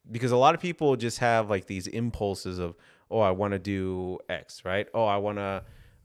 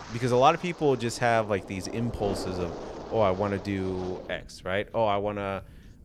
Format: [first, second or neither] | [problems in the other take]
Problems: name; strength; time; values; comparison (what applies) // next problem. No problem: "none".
first | wind noise on the microphone; occasional gusts; 15 dB below the speech